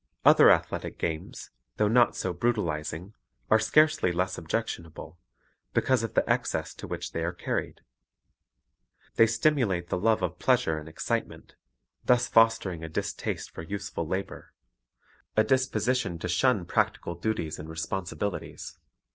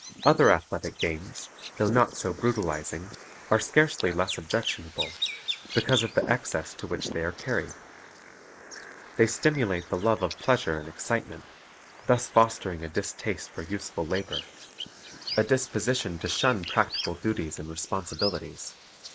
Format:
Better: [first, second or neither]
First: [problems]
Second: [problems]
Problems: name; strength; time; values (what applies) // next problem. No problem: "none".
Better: first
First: none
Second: noise reduction (neural mask model Resemble Enhance denoiser)